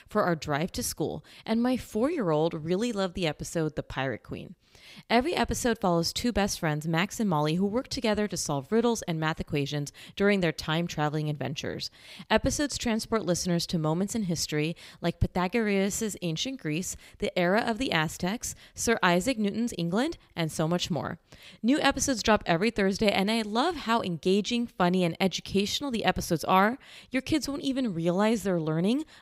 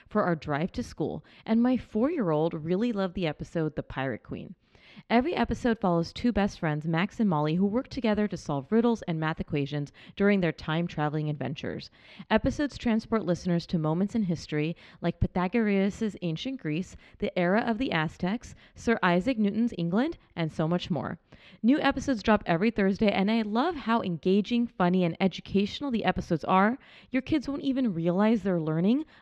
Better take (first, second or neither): first